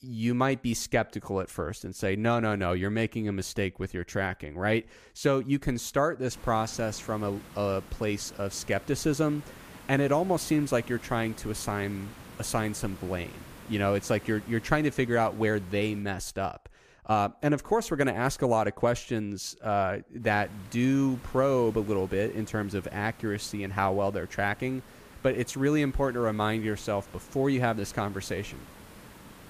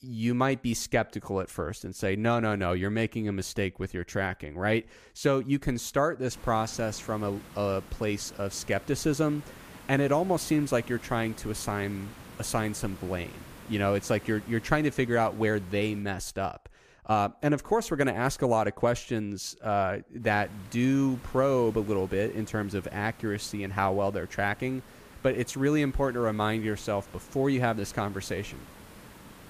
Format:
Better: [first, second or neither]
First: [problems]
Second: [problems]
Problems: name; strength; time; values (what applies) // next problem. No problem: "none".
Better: neither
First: hiss; noticeable; from 6.5 to 16 s and from 20 s on; 20 dB below the speech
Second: hiss; noticeable; from 6.5 to 16 s and from 20 s on; 20 dB below the speech